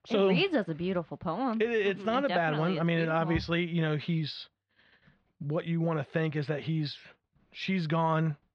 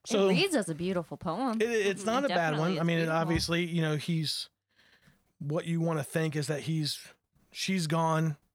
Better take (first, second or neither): second